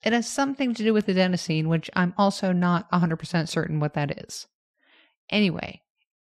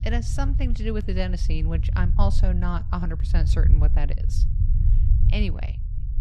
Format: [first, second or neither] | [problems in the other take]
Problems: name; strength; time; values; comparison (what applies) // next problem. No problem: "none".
first | low rumble; loud; throughout; 8 dB below the speech